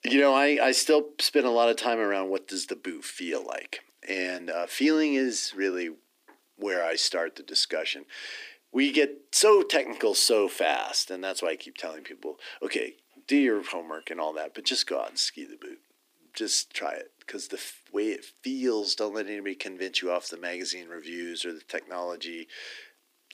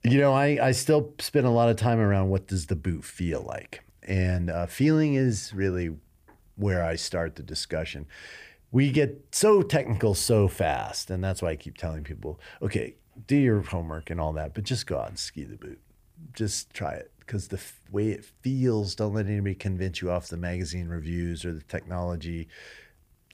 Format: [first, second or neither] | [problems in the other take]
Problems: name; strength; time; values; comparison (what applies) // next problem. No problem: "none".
second | thin; very slightly; fading below 250 Hz